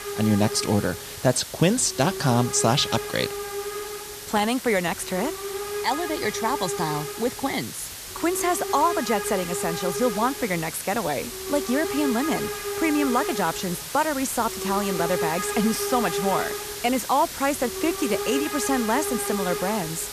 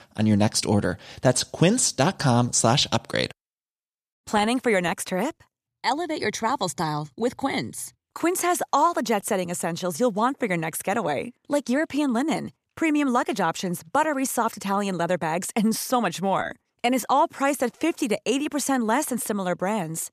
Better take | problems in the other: second | hiss; loud; throughout; 5 dB below the speech

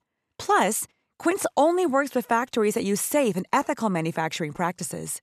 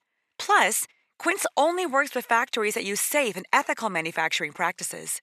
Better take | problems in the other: first | thin; somewhat; fading below 750 Hz

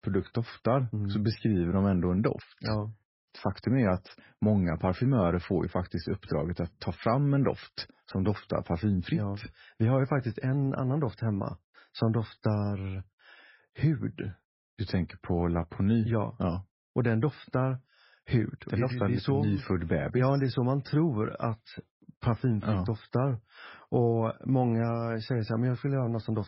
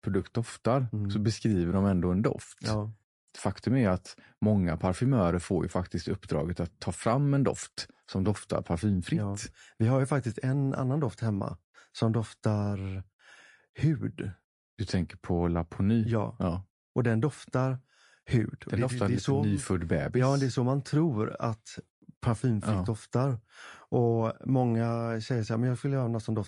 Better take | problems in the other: second | garbled, watery; badly; nothing above 5.5 kHz; slightly in the second

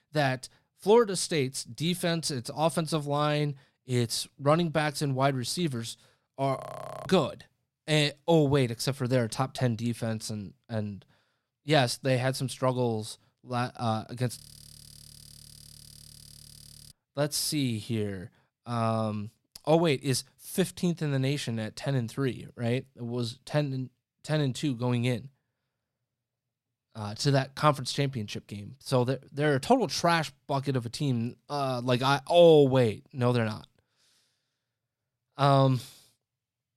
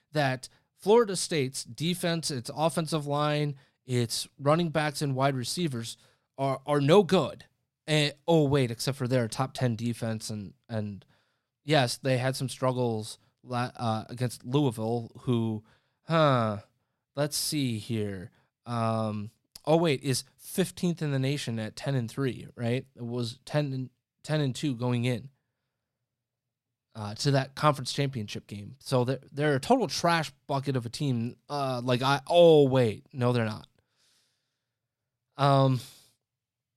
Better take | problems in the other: second | audio freezing; at 6.5 s and at 14 s for 2.5 s

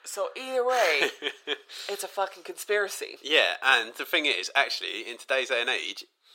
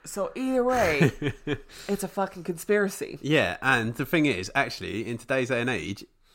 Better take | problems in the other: second | thin; very; fading below 450 Hz

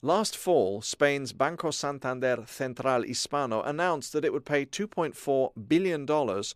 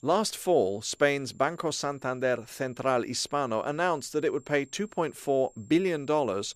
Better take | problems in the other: first | high-pitched whine; faint; throughout; 7.5 kHz, 30 dB below the speech

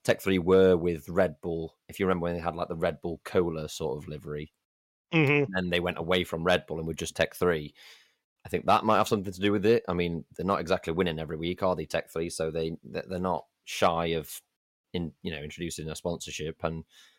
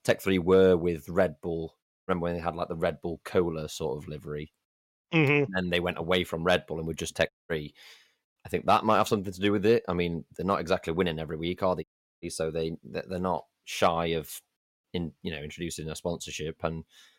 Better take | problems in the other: first | audio cutting out; at 2 s, at 7.5 s and at 12 s

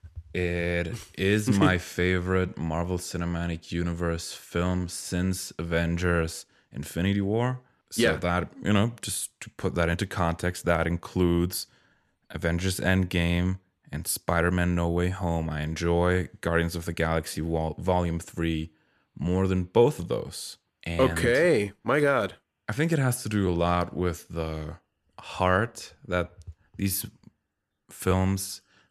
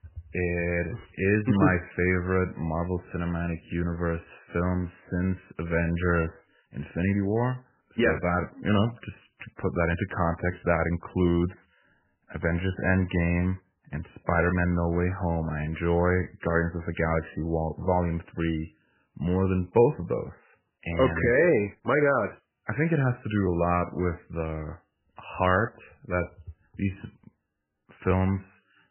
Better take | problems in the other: first | garbled, watery; badly; nothing above 3 kHz

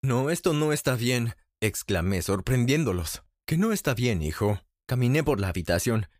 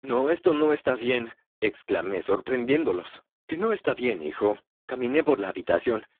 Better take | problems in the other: first | phone-call audio; poor line

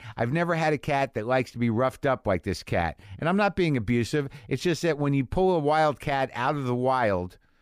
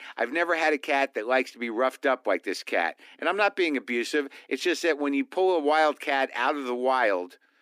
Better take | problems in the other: first | thin; very slightly; fading below 250 Hz

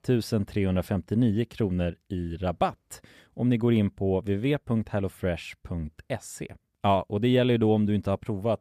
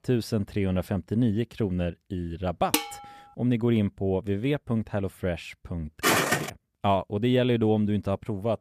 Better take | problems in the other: first | clattering dishes; noticeable; at 2.5 s; peak level with the speech // footsteps; loud; at 6 s; peak 5 dB above the speech

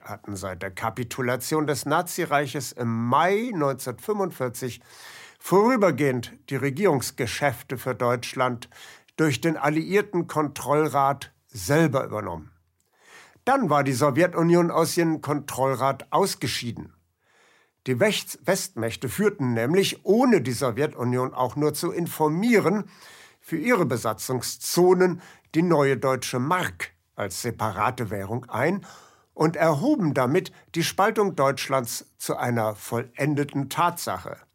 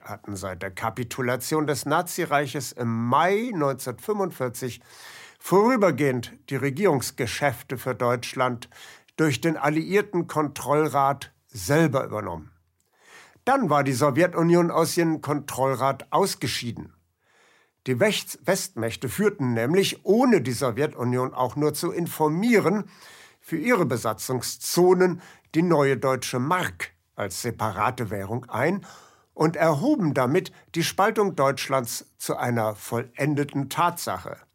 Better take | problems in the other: neither | none

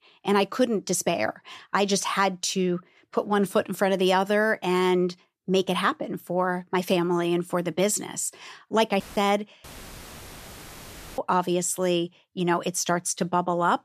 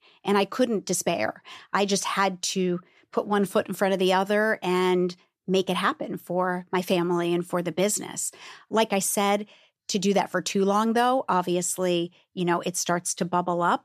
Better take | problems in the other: second | audio cutting out; filled with static; at 9 s and at 9.5 s for 1.5 s

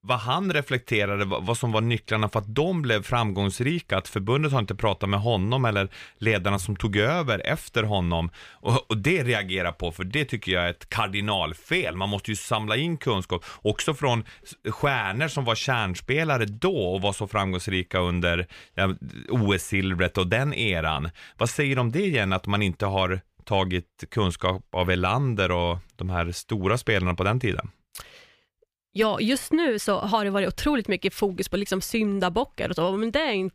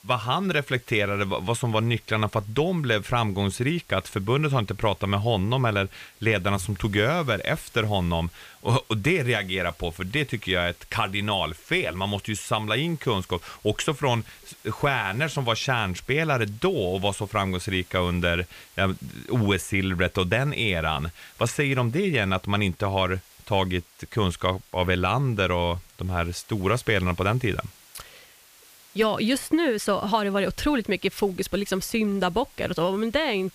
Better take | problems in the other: first | hiss; faint; throughout; 25 dB below the speech

